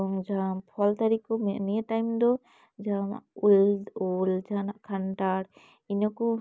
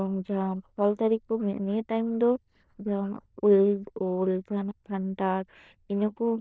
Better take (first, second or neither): first